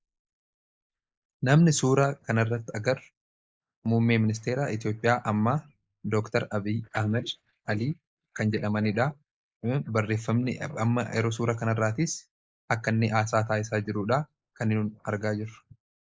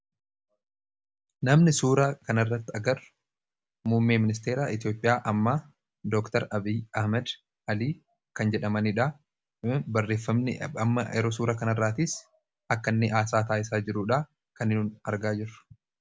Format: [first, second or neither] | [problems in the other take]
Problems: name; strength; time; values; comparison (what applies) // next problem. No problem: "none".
second | noise reduction (neural mask model Resemble Enhance denoiser)